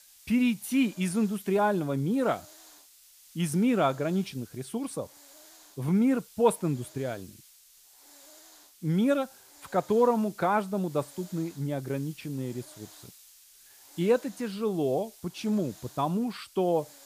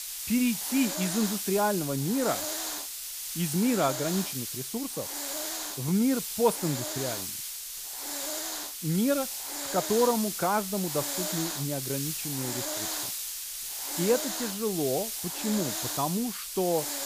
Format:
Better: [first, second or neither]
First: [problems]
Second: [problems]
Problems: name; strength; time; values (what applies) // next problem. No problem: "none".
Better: first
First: hiss; faint; throughout; 20 dB below the speech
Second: hiss; loud; throughout; 2 dB below the speech